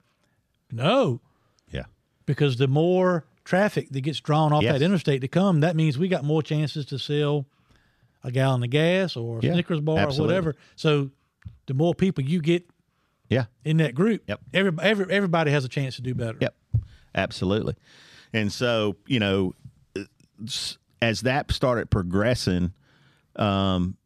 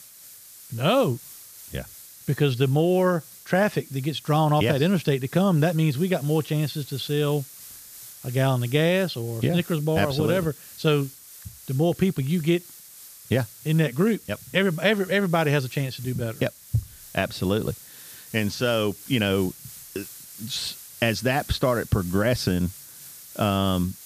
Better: first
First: none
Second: hiss; noticeable; throughout; 15 dB below the speech

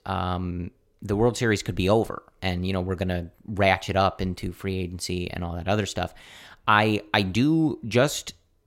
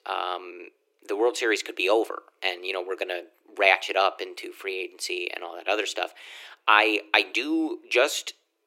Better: first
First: none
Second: thin; very; fading below 350 Hz

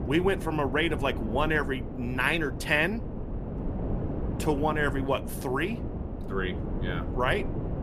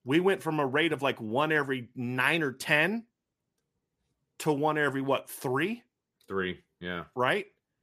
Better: second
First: wind noise on the microphone; occasional gusts; 10 dB below the speech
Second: none

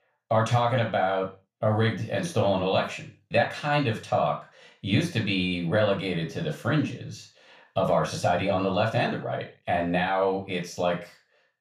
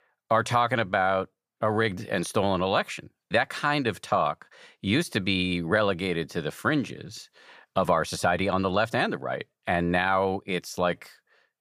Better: second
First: room echo; slight; dies away in 0.3 s // off-mic speech; somewhat distant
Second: none

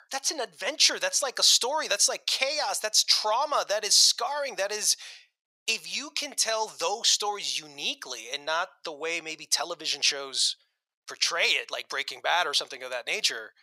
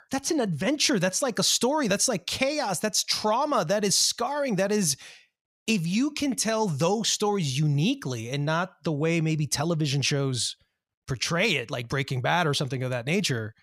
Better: second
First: thin; very; fading below 600 Hz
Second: none

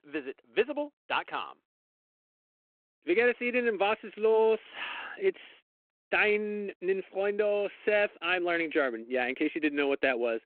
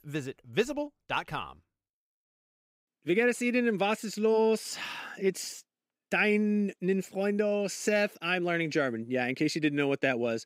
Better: second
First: phone-call audio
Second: none

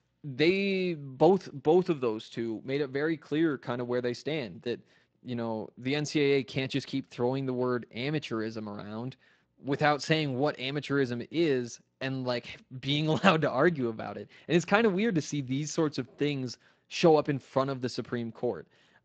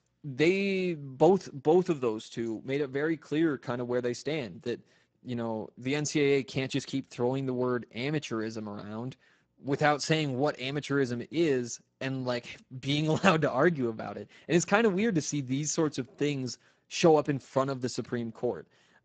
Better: first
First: garbled, watery; slightly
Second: garbled, watery; badly; nothing above 7.5 kHz

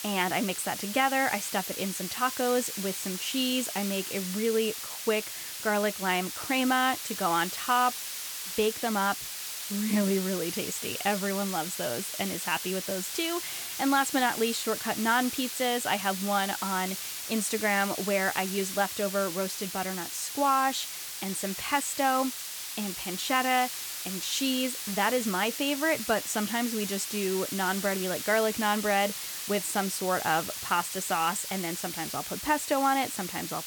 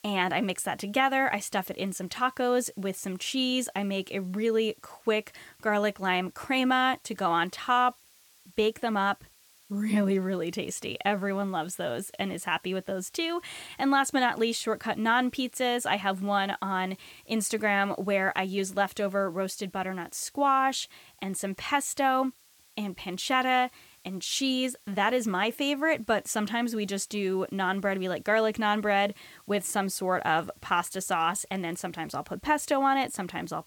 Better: second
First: hiss; loud; throughout; 5 dB below the speech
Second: hiss; faint; throughout; 30 dB below the speech

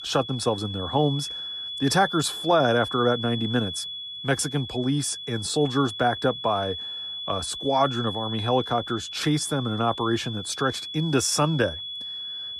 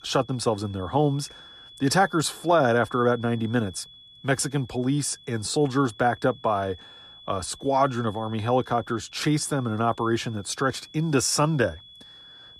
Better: second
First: high-pitched whine; loud; throughout; 3.5 kHz, 7 dB below the speech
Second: high-pitched whine; faint; throughout; 3.5 kHz, 20 dB below the speech

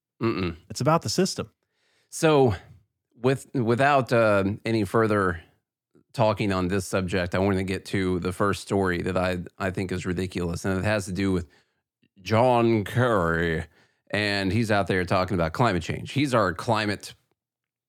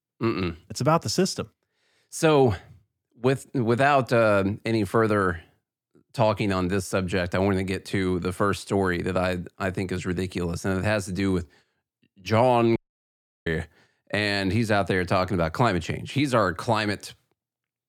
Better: first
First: none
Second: audio cutting out; at 13 s for 0.5 s

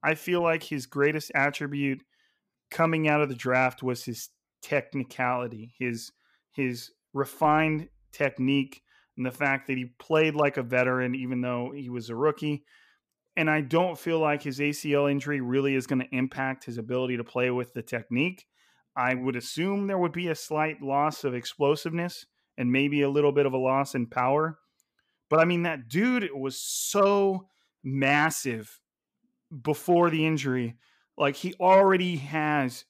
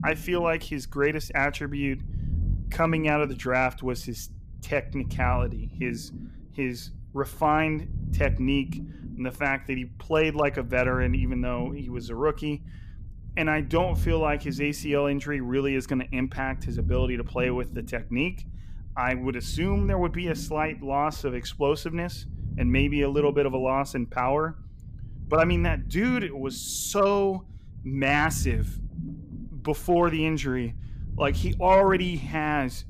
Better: first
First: none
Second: low rumble; faint; throughout; 20 dB below the speech

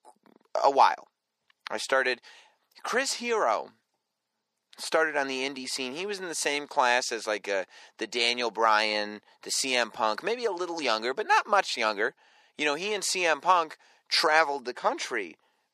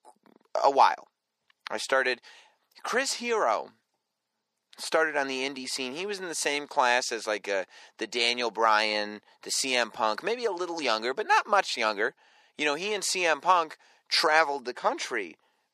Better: neither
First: thin; very; fading below 550 Hz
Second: thin; very; fading below 550 Hz

